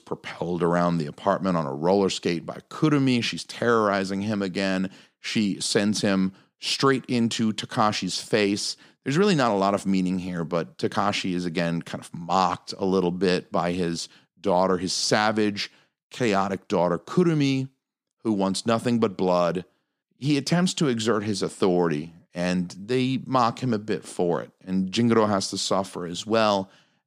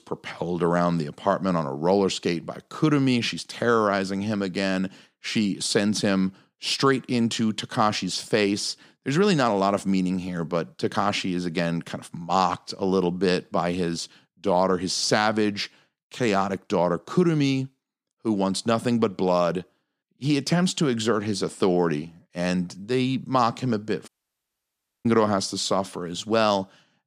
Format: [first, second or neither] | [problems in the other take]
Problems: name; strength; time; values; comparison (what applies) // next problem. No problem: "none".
first | audio cutting out; at 24 s for 1 s